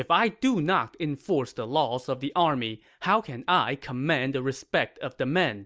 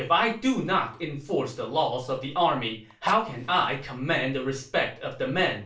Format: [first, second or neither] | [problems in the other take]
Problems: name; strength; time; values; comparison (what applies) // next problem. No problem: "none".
first | background sound (Fire); 18 dB below the speech // room echo; dies away in 0.3 s